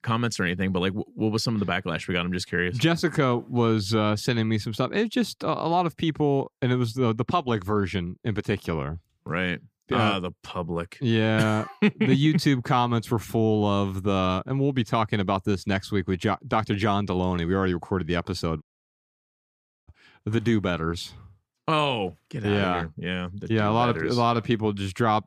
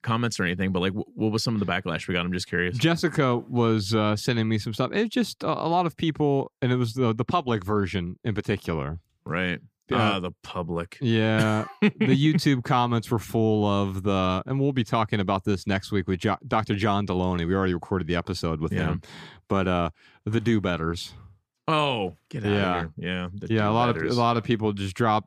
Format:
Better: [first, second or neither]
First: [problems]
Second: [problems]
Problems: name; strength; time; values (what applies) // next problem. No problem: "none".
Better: second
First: audio cutting out; at 19 s for 1.5 s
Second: none